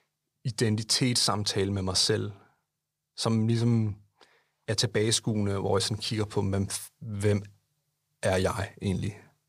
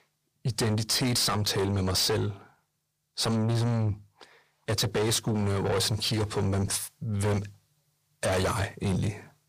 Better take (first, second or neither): first